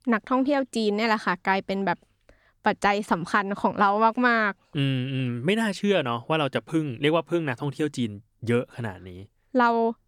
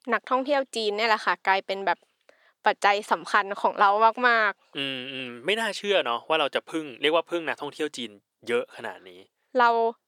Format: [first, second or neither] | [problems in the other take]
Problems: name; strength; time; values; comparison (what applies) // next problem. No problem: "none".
first | thin; somewhat; fading below 500 Hz